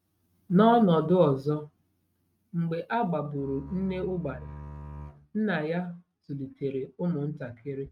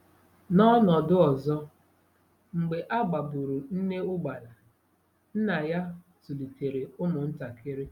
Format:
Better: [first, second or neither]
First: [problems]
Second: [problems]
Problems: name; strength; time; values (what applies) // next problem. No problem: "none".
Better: second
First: noise reduction (neural mask model RNNoise)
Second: none